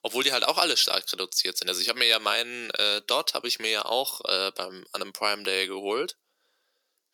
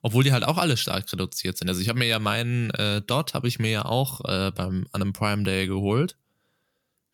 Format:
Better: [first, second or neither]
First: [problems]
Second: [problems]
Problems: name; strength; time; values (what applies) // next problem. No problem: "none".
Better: second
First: thin; very; fading below 350 Hz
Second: none